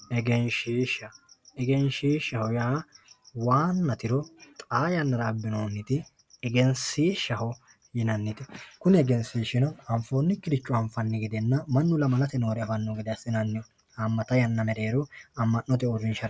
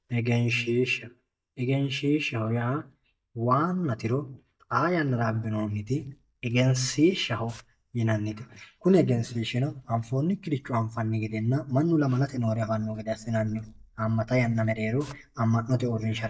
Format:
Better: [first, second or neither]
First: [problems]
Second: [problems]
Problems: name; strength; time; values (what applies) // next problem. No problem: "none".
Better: first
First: none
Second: noise reduction (neural mask model DeepFilterNet 3)